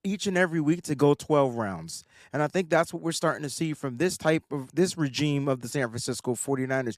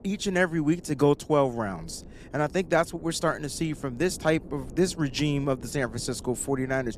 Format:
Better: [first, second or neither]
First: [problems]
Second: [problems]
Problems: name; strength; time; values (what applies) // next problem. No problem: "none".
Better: first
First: none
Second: wind noise on the microphone; occasional gusts; 25 dB below the speech